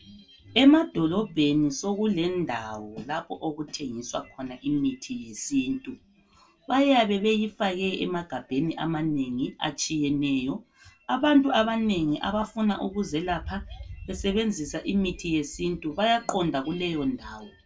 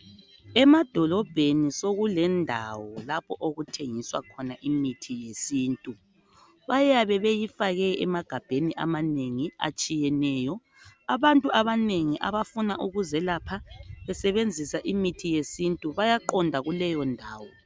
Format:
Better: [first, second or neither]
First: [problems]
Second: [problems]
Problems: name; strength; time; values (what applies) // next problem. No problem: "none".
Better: second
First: room echo; dies away in 0.2 s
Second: none